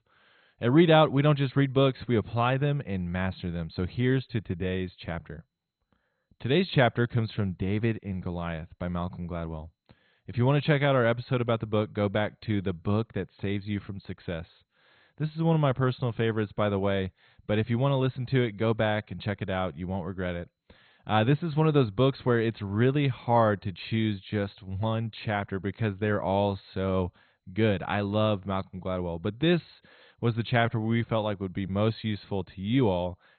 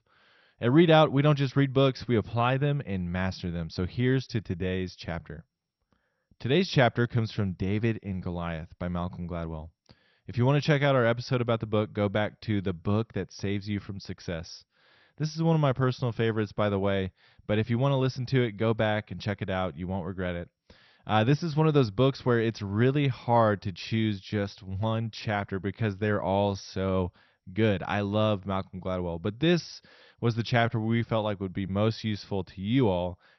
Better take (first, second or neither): second